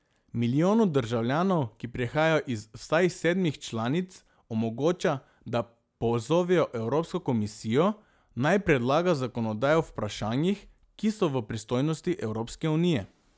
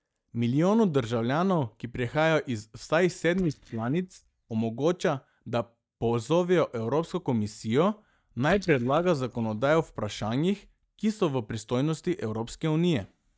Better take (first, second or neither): first